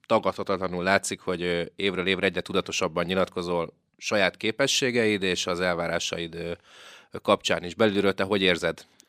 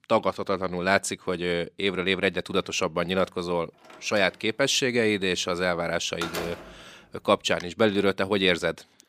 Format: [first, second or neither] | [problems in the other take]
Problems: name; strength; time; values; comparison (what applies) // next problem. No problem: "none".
first | door banging; noticeable; from 4 to 7.5 s; peak 7 dB below the speech